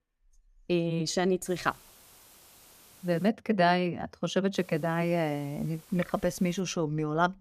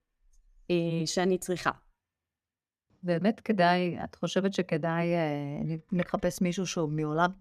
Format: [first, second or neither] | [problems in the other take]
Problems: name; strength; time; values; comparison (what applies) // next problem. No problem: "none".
second | hiss; faint; from 1.5 to 3.5 s and from 4.5 to 6.5 s; 25 dB below the speech